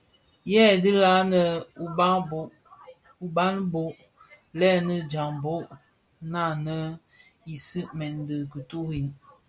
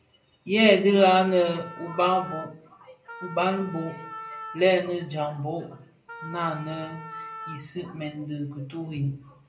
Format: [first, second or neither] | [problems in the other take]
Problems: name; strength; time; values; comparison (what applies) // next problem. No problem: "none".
first | background sound (Wind instrument, woodwind instrument); 14 dB below the speech // room echo; dies away in 0.5 s